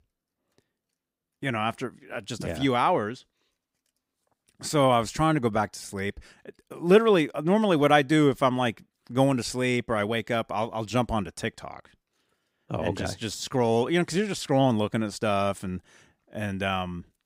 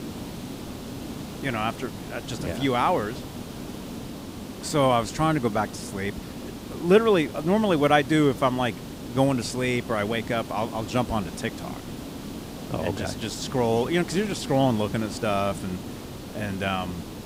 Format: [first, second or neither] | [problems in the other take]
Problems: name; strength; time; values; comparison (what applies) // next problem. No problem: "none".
first | hiss; noticeable; throughout; 10 dB below the speech